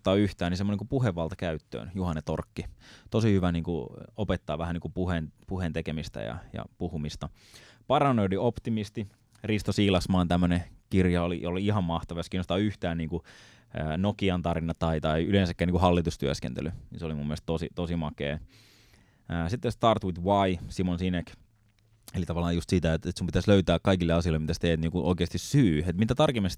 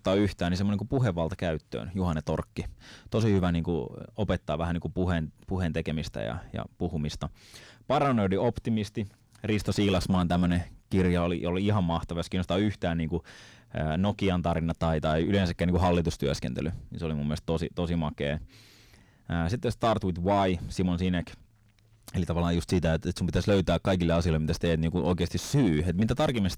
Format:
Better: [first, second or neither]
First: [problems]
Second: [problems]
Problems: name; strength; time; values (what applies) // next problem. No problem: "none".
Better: first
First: none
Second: distortion; slight; 10 dB below the speech